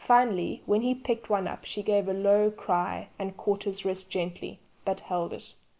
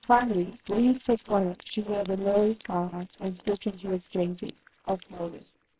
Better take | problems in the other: first | noise reduction (neural separator model SepFormer WHAMR!)

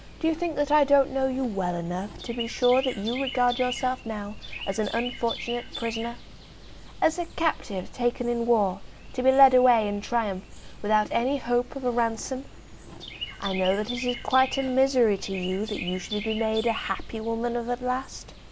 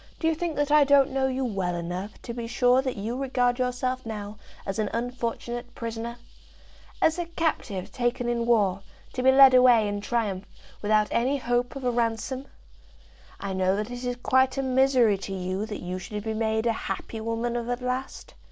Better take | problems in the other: second | background sound (Chirp, tweet); 14 dB below the speech

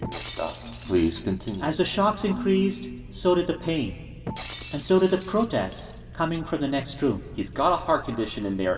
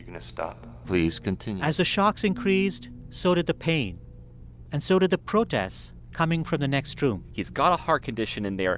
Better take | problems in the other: second | background sound (Shatter); 18 dB below the speech // room echo; dies away in 2.1 s

